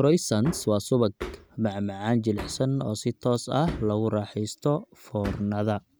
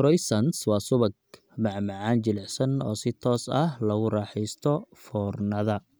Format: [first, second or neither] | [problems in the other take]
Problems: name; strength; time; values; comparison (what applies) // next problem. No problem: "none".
second | background sound (Hammer); 16 dB below the speech